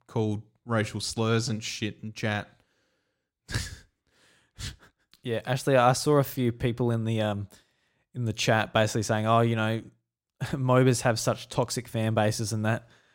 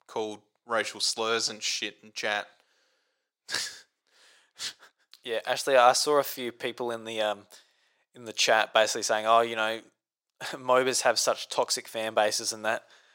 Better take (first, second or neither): first